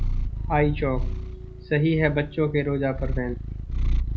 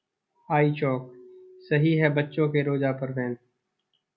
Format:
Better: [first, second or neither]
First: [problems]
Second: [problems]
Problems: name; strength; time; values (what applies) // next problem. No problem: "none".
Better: second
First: background sound (Purr); 2 dB below the speech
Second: none